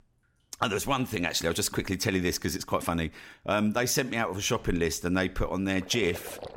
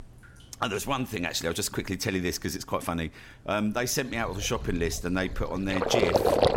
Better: first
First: rain or running water; faint; throughout; 20 dB below the speech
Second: rain or running water; loud; throughout; as loud as the speech

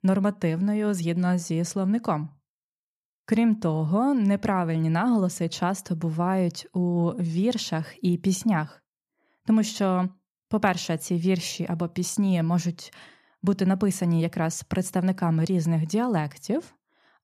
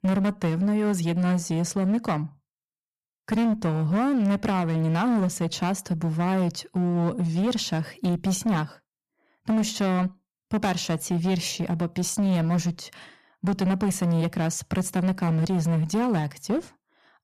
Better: first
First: none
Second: distortion; slight; 16% of the sound clipped

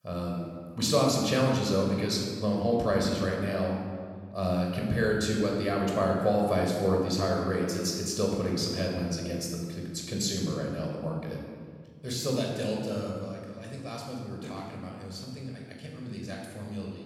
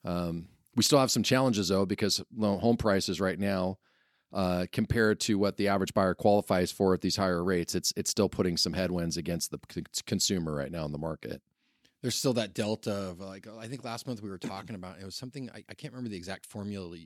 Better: second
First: off-mic speech; somewhat distant // room echo; noticeable; dies away in 1.6 s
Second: none

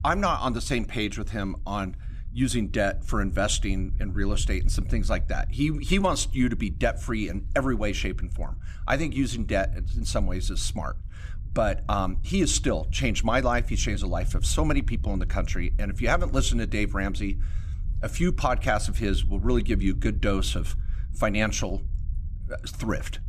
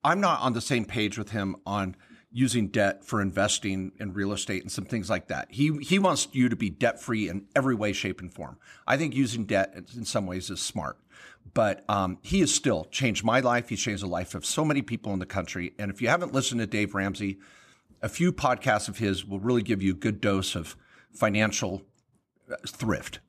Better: second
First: low rumble; faint; throughout; 25 dB below the speech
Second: none

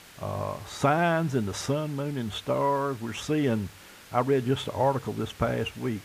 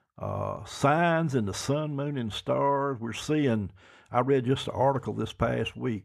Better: second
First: hiss; faint; throughout; 20 dB below the speech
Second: none

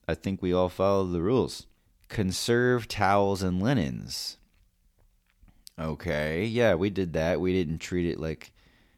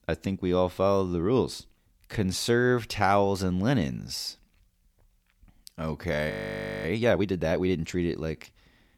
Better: first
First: none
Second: audio freezing; at 6.5 s for 0.5 s

